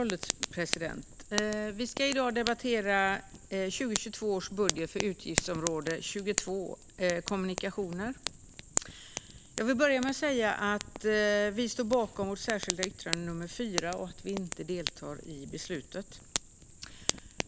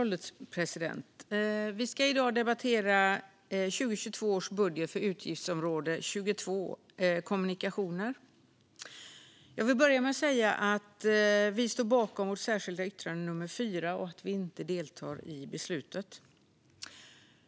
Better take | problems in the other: second | background sound (Fire); 7 dB below the speech

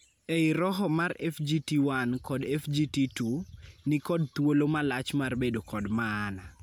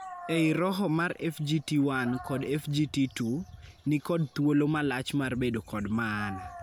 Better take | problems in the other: first | background sound (Dog); 19 dB below the speech

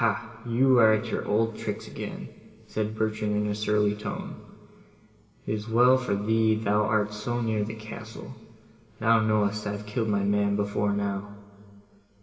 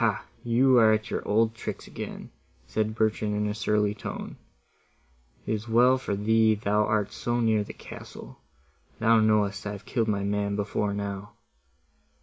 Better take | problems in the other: second | room echo; dies away in 2.5 s

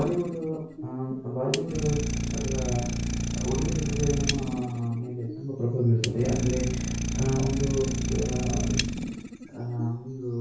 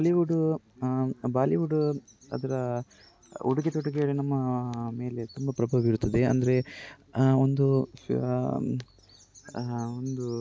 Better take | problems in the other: second | background sound (Idling); 1 dB below the speech // room echo; dies away in 0.6 s

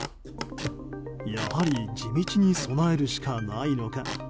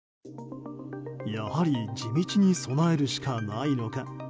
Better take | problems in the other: second | background sound (Squeak / Wood); 11 dB below the speech

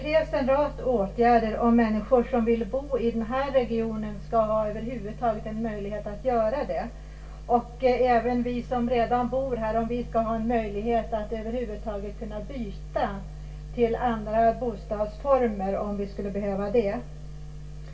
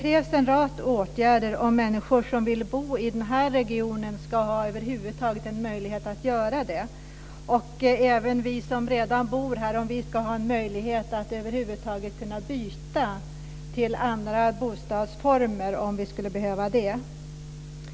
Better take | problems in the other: second | room echo; dies away in 0.2 s

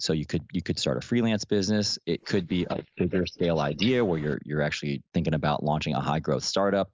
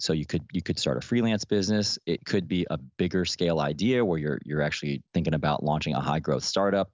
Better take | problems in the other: second | noise reduction (neural mask model Resemble Enhance denoiser)

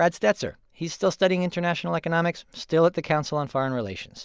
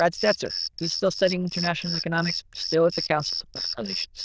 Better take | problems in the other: first | noise reduction (neural diffusion model UNIVERSE++)

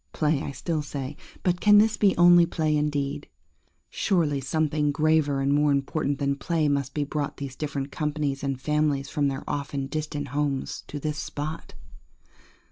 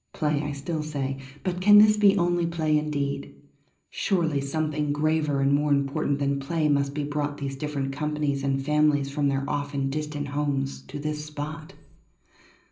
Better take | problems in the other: first | room echo; dies away in 0.5 s

